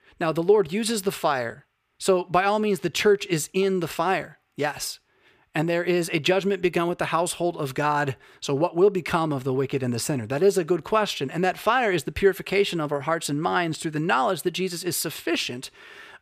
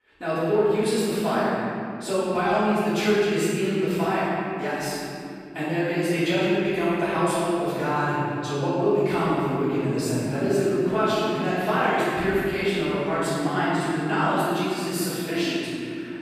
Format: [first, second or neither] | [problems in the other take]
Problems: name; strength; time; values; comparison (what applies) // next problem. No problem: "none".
first | room echo; strong; dies away in 2.9 s // off-mic speech; far